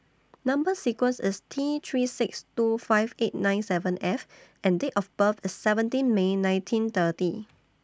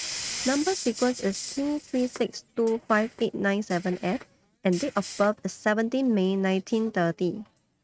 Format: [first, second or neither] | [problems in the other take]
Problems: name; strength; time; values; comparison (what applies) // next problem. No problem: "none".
first | noise reduction (neural mask model RNNoise)